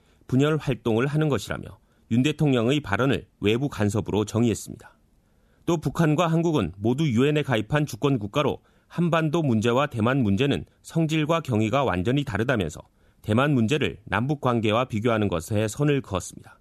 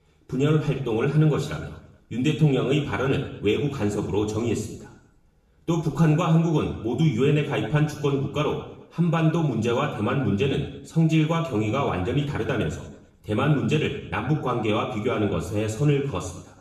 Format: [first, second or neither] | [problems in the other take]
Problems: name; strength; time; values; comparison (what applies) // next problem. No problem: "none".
first | room echo; noticeable; dies away in 0.7 s // off-mic speech; far